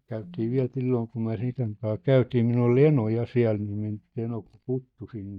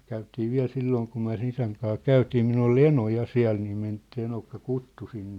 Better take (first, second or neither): second